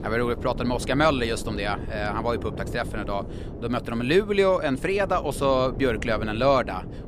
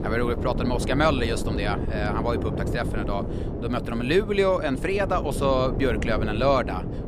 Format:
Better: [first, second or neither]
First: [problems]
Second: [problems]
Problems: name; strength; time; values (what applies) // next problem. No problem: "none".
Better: first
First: wind noise on the microphone; occasional gusts; 15 dB below the speech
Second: wind noise on the microphone; heavy; 9 dB below the speech